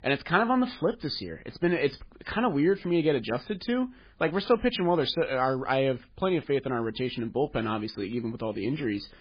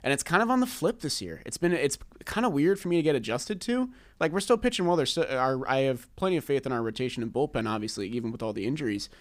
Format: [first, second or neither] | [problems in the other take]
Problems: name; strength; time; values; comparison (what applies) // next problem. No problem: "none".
second | garbled, watery; badly; nothing above 4.5 kHz